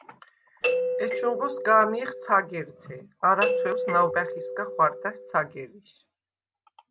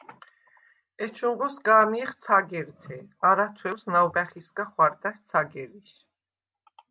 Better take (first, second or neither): second